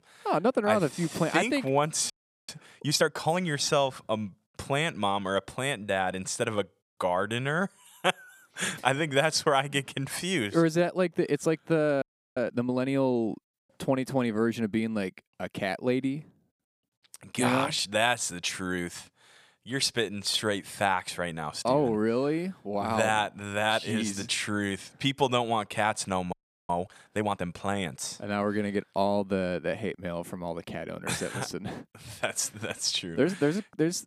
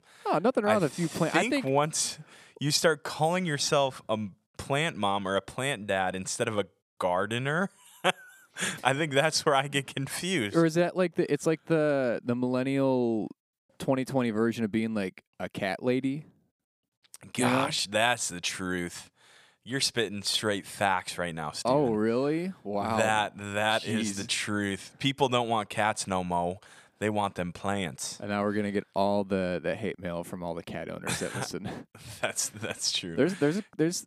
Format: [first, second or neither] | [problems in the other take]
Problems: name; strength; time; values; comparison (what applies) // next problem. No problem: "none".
second | audio freezing; at 2 s, at 12 s and at 26 s